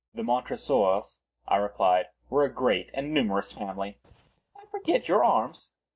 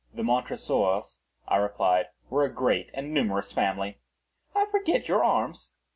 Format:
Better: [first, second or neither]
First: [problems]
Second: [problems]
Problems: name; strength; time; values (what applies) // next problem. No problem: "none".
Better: second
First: noise reduction (neural mask model DeepFilterNet 3)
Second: none